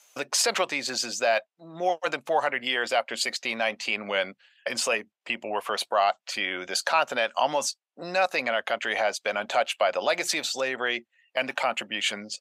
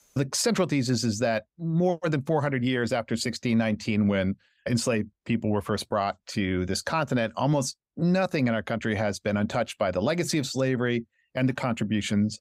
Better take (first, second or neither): second